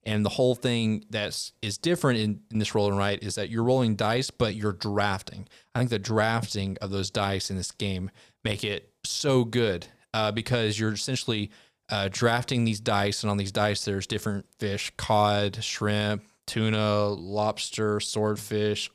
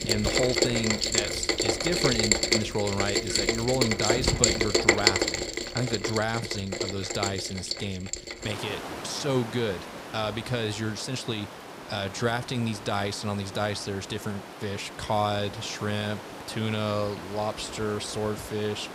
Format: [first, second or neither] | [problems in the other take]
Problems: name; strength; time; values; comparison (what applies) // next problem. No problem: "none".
first | rain or running water; very loud; throughout; 4 dB above the speech